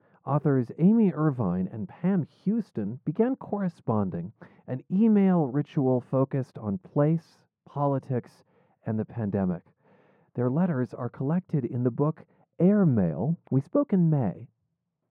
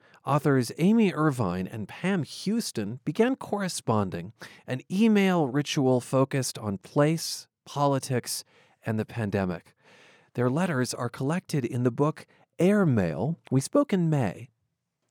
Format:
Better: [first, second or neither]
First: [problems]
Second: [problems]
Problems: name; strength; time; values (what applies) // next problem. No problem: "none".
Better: second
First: muffled; very; fading above 2.5 kHz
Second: none